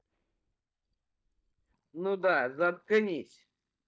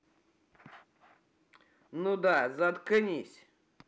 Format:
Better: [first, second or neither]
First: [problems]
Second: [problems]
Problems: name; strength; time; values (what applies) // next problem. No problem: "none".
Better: second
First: noise reduction (neural mask model DeepFilterNet 3)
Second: none